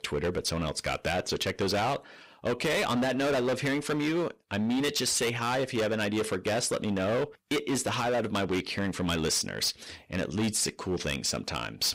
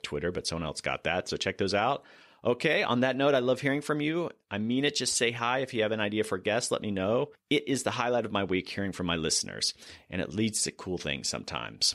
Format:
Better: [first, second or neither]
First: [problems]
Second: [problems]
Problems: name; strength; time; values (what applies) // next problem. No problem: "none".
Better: second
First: distortion; heavy; 19% of the sound clipped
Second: none